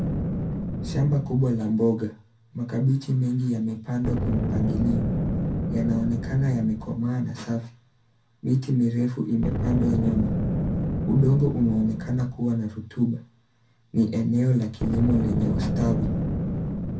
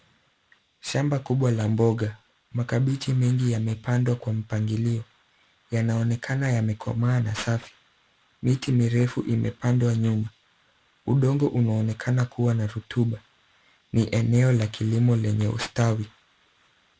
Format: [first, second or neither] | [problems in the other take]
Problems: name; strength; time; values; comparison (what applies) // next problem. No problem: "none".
second | background sound (Boom); 3 dB below the speech // room echo; dies away in 0.3 s